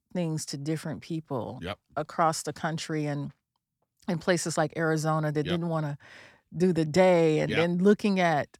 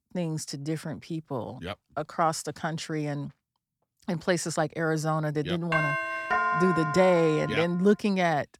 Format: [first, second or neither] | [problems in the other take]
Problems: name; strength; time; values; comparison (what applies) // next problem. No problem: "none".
first | doorbell; loud; from 5.5 to 7.5 s; peak 2 dB above the speech